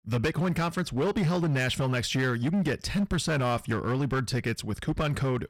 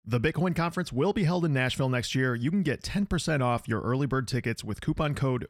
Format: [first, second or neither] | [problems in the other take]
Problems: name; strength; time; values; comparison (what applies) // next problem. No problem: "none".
second | distortion; slight; 15% of the sound clipped